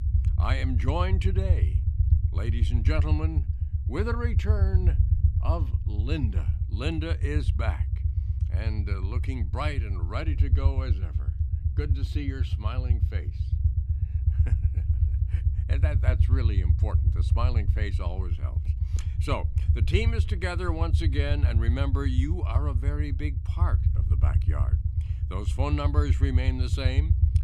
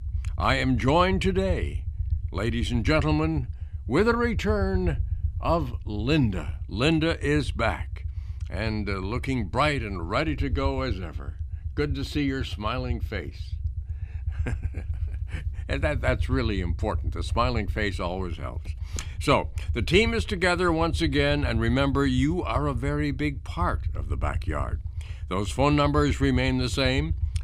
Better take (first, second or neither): second